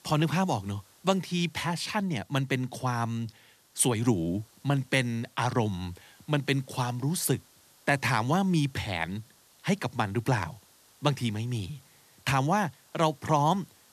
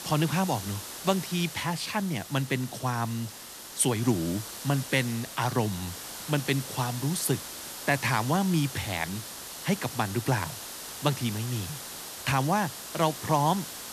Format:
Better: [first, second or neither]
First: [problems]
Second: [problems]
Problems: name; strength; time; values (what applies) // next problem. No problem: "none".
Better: first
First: hiss; faint; throughout; 30 dB below the speech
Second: hiss; loud; throughout; 9 dB below the speech